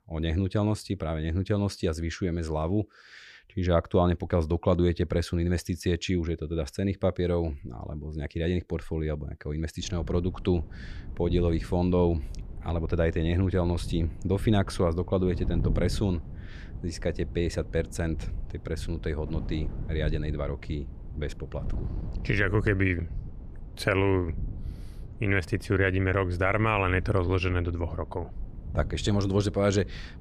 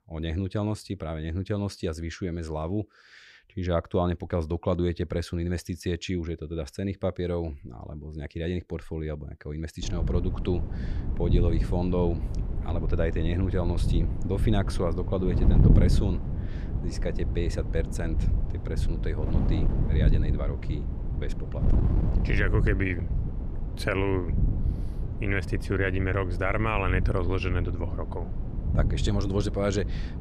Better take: first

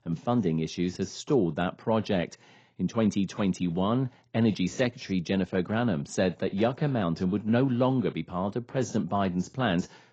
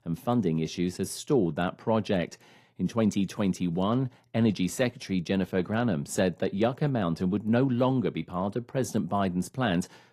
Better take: second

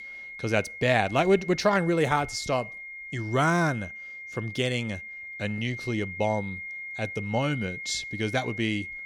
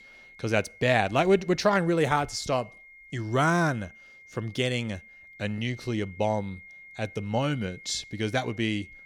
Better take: second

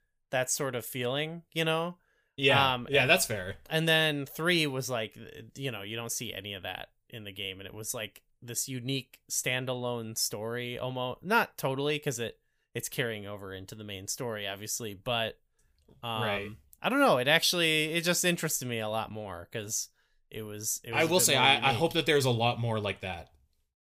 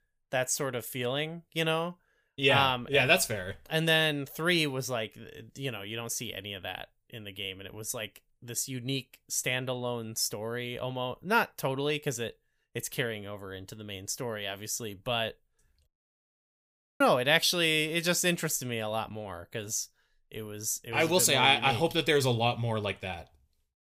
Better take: first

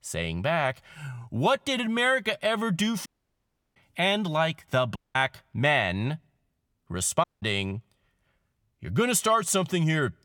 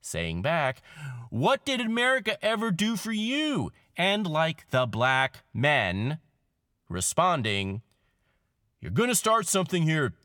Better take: second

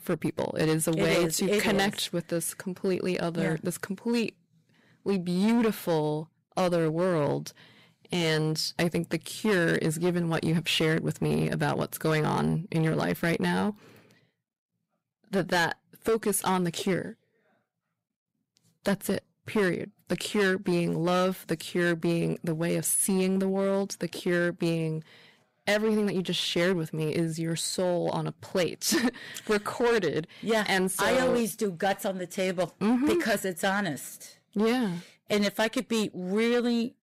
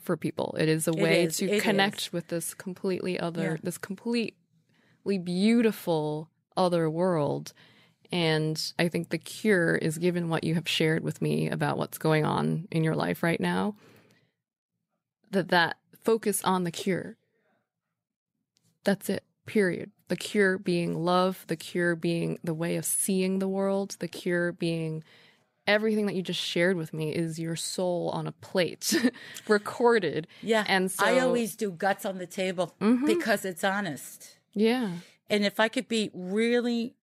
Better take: second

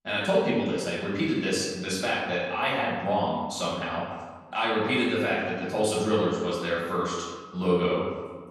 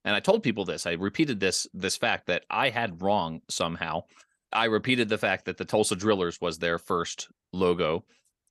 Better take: second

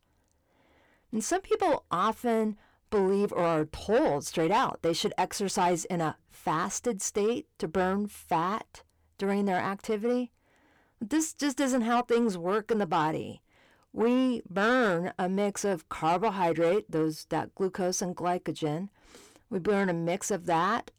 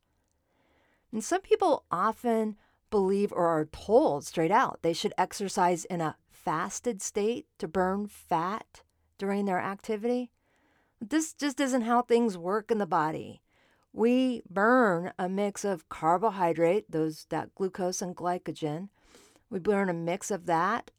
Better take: second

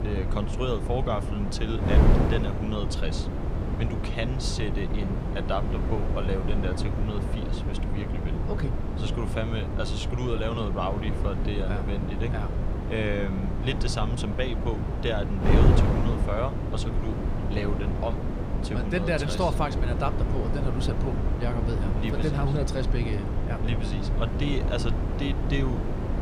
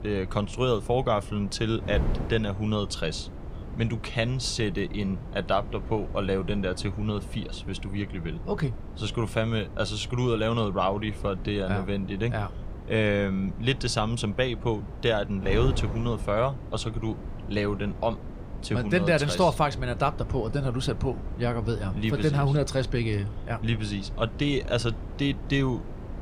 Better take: second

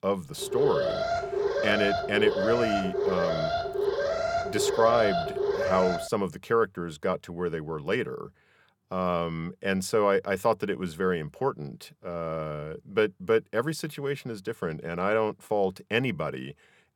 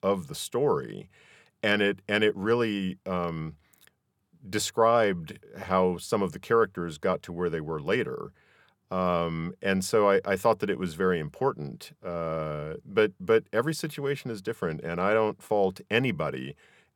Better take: second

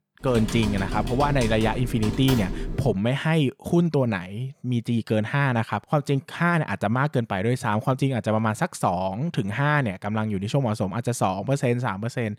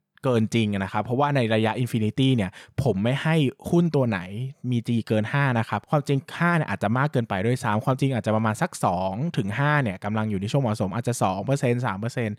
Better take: second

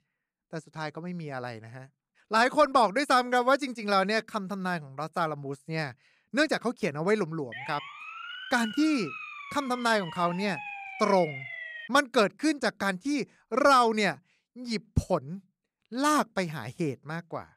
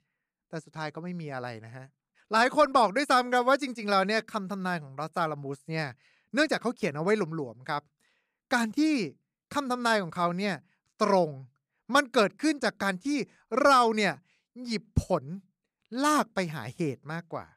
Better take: second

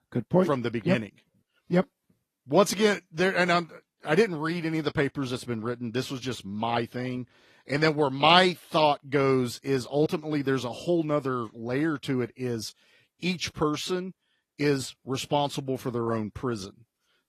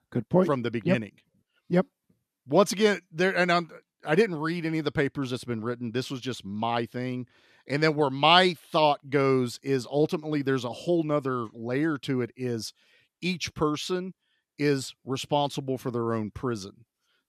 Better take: second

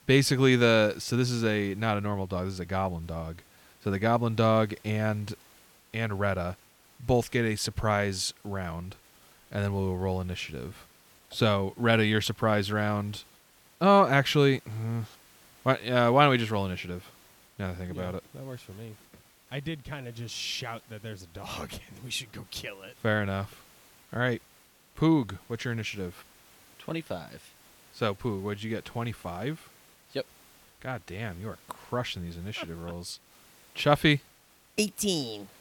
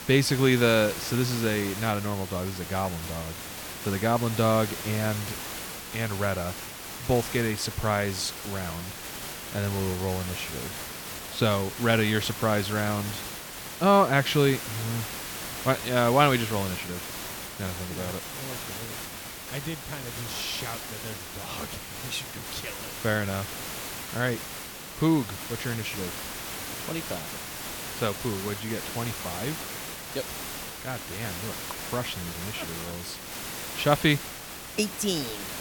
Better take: first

